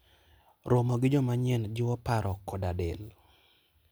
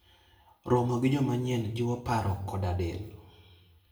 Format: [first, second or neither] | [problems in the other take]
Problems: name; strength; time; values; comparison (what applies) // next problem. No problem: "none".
first | room echo; dies away in 0.6 s